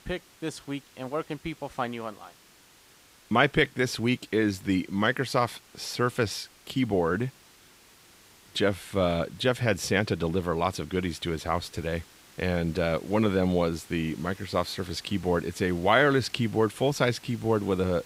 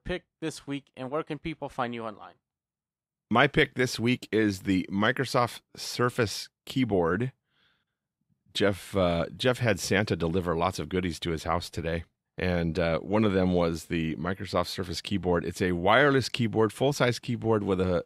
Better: second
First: hiss; faint; throughout; 25 dB below the speech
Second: none

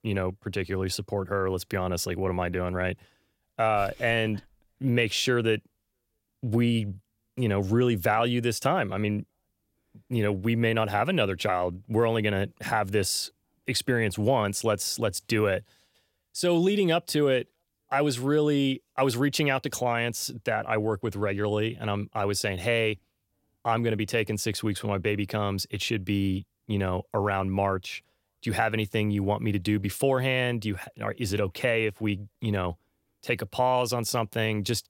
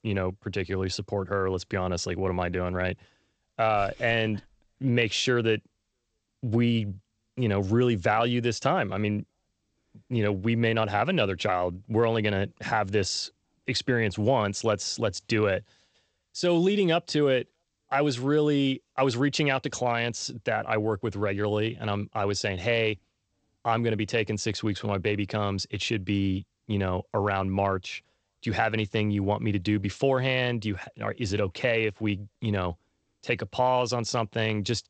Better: first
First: none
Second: garbled, watery; slightly; nothing above 8 kHz

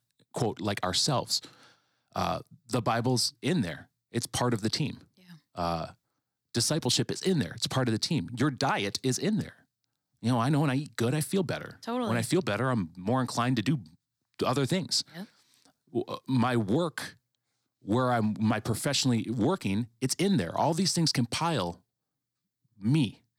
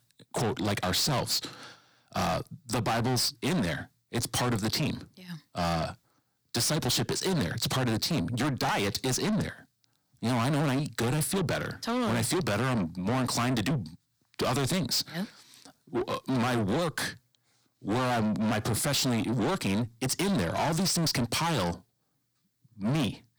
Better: first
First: none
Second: distortion; heavy; 6 dB below the speech

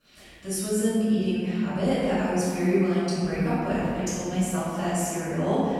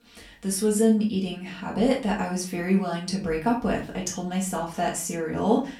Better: second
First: room echo; strong; dies away in 2.5 s // off-mic speech; far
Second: room echo; slight; dies away in 0.3 s // off-mic speech; far

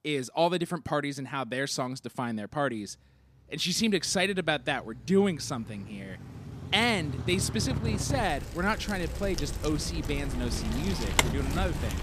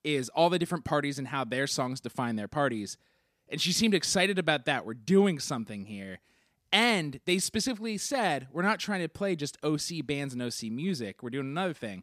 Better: second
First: traffic noise; loud; throughout; 4 dB below the speech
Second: none

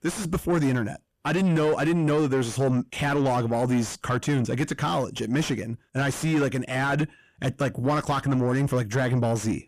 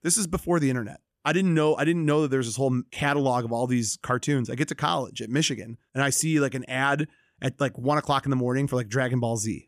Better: second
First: distortion; heavy; 7 dB below the speech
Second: none

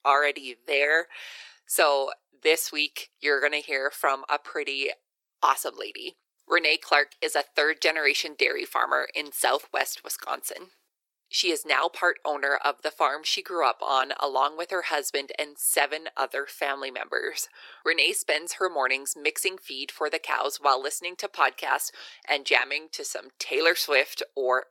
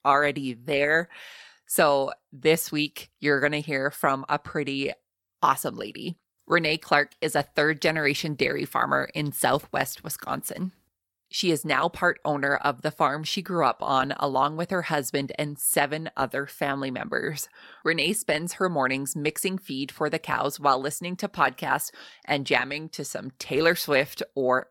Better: second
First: thin; very; fading below 350 Hz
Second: none

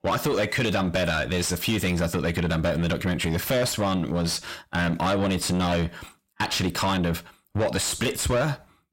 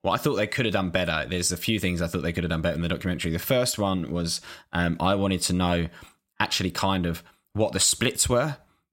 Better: second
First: distortion; heavy; 6 dB below the speech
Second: none

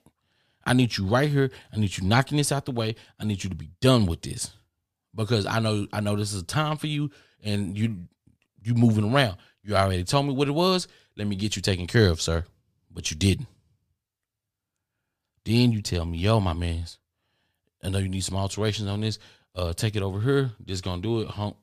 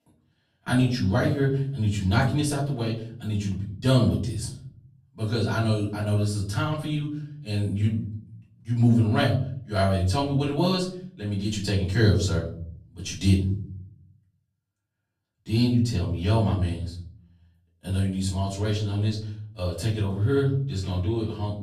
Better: first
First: none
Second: off-mic speech; far // room echo; slight; dies away in 0.8 s

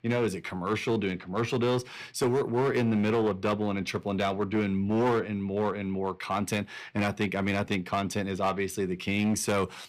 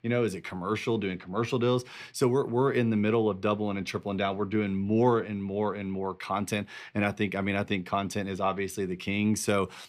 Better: second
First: distortion; slight; 7% of the sound clipped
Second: none

